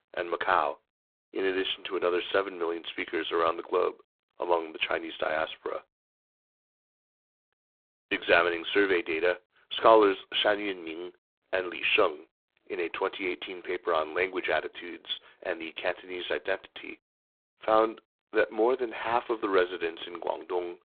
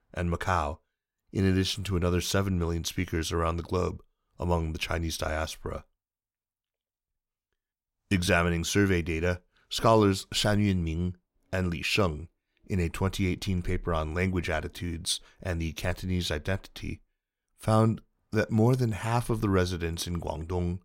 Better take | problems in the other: second | phone-call audio; poor line

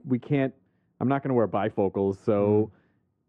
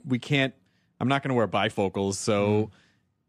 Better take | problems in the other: second | muffled; very; fading above 3 kHz

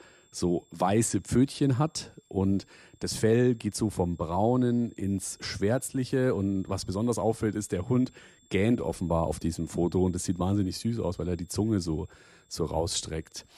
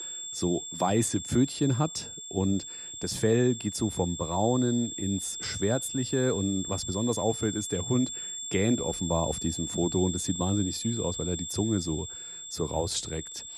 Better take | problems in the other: first | high-pitched whine; loud; throughout; 7.5 kHz, 6 dB below the speech; faint in the first

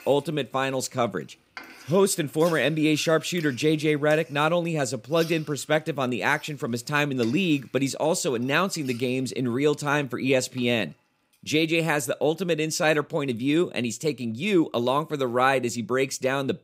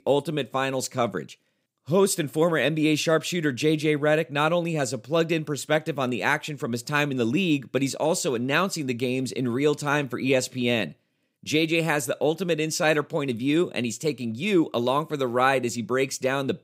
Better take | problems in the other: second | household noises; faint; throughout; 20 dB below the speech

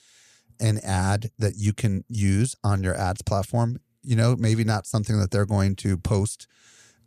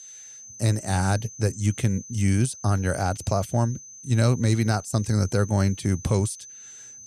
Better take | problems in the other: first | high-pitched whine; noticeable; throughout; 6 kHz, 15 dB below the speech

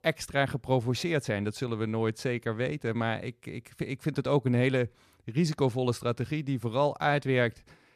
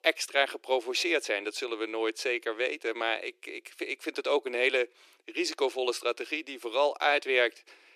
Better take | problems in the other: first | thin; very; fading below 350 Hz

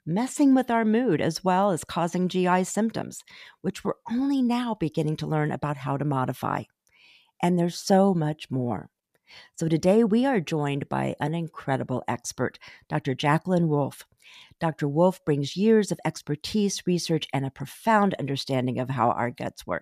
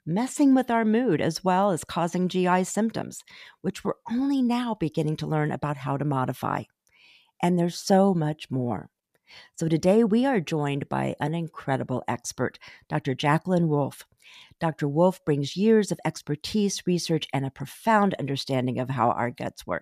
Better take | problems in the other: neither | none

